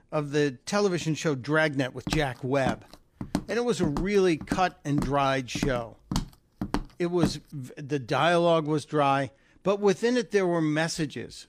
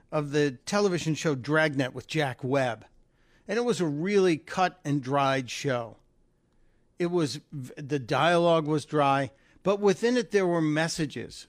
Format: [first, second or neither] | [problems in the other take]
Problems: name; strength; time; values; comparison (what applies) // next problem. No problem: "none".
second | footsteps; noticeable; from 2 to 7.5 s; peak 6 dB below the speech